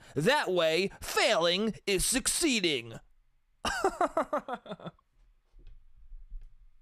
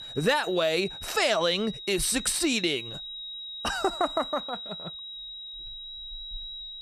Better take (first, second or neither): first